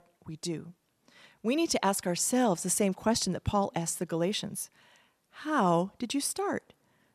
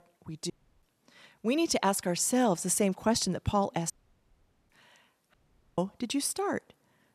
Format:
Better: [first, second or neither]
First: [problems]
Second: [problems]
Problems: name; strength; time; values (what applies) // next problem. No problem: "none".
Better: first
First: none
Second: audio cutting out; at 0.5 s, at 4 s for 1 s and at 5.5 s